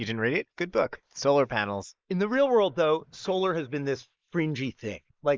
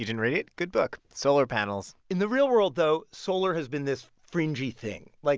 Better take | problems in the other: second | noise reduction (neural mask model Resemble Enhance denoiser)

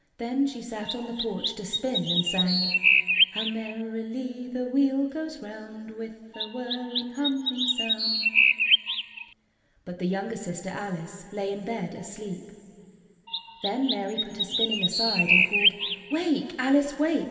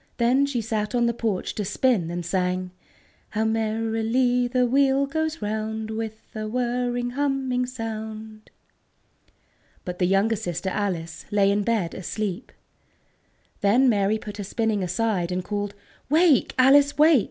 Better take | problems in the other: second | background sound (Chirp, tweet); 4 dB above the speech // room echo; dies away in 2.3 s

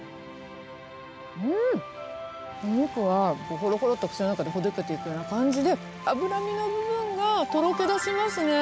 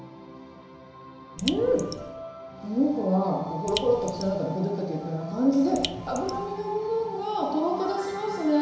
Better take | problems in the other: first | background sound (Raindrop); 11 dB below the speech // room echo; dies away in 1 s

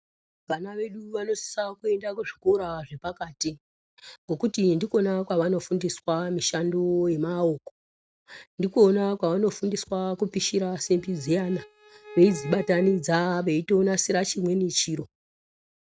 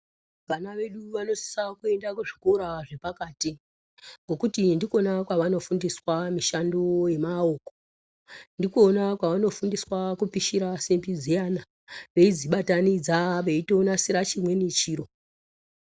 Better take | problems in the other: second | noise reduction (neural mask model RNNoise)

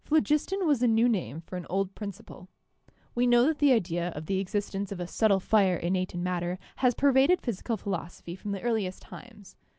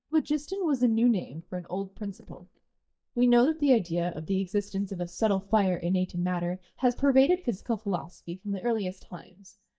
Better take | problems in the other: first | noise reduction (neural mask model DeepFilterNet 3)

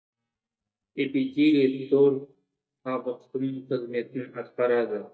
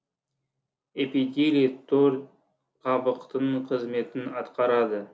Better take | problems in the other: second | noise reduction (neural mask model DeepFilterNet 3)

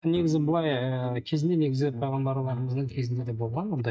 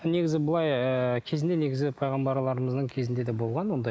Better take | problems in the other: second | noise reduction (neural mask model DeepFilterNet 3)

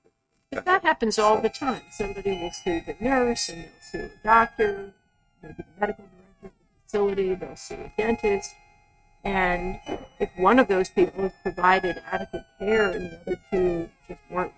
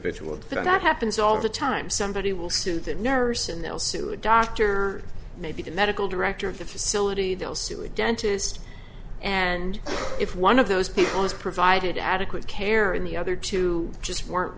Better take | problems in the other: second | noise reduction (neural mask model RNNoise)

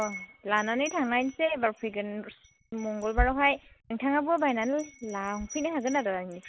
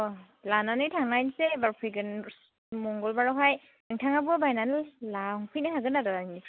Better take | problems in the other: second | background sound (Wind chime); 11 dB below the speech

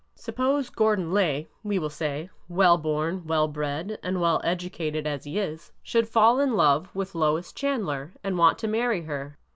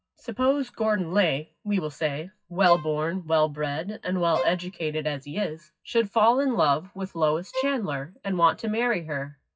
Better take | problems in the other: first | noise reduction (classical method WPE with log-MMSE)

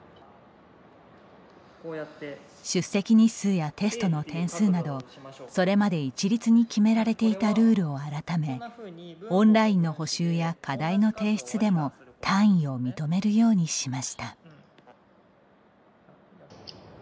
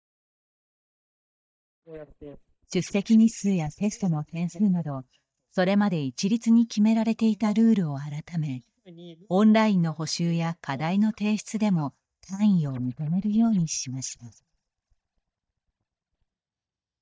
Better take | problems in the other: first | noise reduction (neural mask model DeepFilterNet 3)

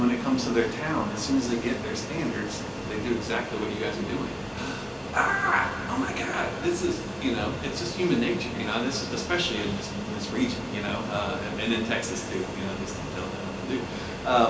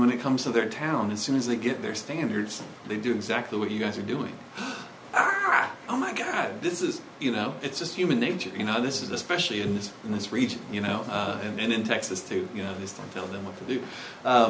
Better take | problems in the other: second | background sound (Fixed-wing aircraft, airplane); 6 dB below the speech // room echo; dies away in 2.2 s

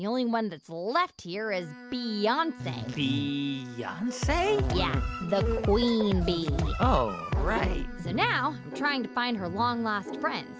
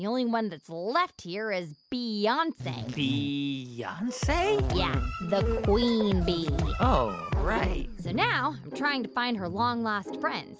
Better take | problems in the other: second | background sound (Bowed string instrument); 20 dB below the speech

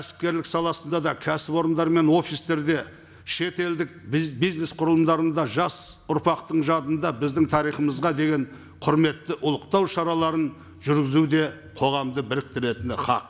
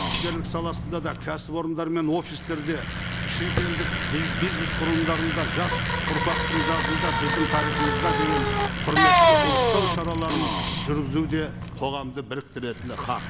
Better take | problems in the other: first | background sound (Tambourine + Bicycle); 4 dB above the speech

